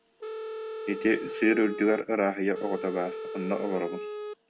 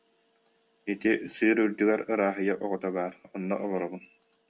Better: second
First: background sound (Telephone); 8 dB below the speech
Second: none

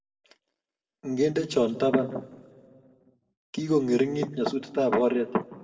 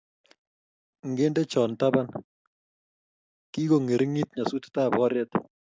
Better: second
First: room echo; dies away in 1.1 s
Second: none

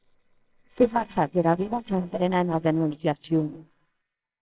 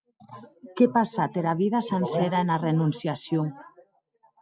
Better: second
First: noise reduction (neural separator model SepFormer WHAMR!)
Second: none

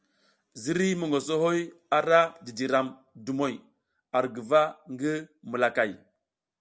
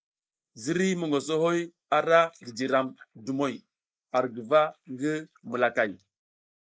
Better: first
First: none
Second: noise reduction (neural mask model Resemble Enhance denoiser)

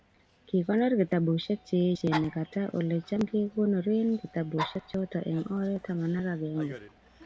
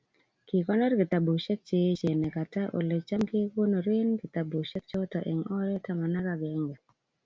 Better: second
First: background sound (Dog); 16 dB below the speech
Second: none

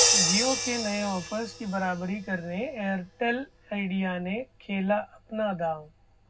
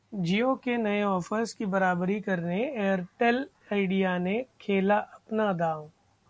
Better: second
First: background sound (Crash cymbal); 1 dB below the speech // room echo; dies away in 0.3 s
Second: none

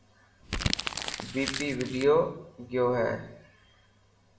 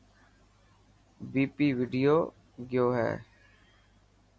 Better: second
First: background sound (Crumpling, crinkling); 4 dB below the speech // room echo; dies away in 0.7 s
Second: none

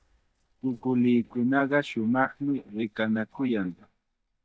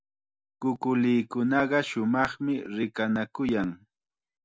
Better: second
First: noise reduction (neural mask model DeepFilterNet 3)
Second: none

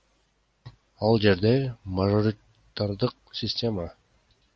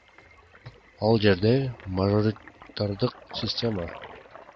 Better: first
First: none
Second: background sound (Toilet flush); 20 dB below the speech

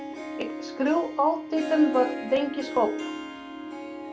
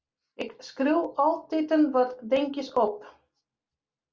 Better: second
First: background sound (Harp); 7 dB below the speech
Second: none

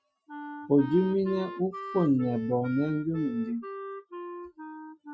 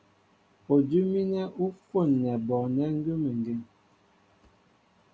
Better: second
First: noise reduction (classical method Wiener filter)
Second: none

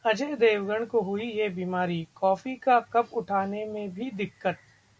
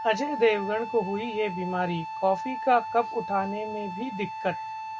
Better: first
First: none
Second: background sound (Wind instrument, woodwind instrument); 7 dB below the speech

